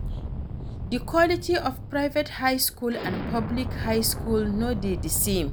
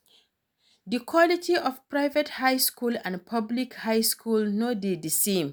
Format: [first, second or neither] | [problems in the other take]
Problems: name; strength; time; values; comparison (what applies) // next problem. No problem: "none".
second | background sound (Explosion); 6 dB below the speech